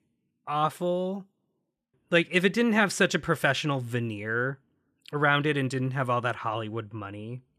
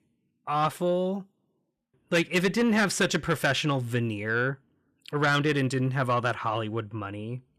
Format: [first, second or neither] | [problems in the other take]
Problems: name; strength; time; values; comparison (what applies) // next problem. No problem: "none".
first | distortion; slight; 10 dB below the speech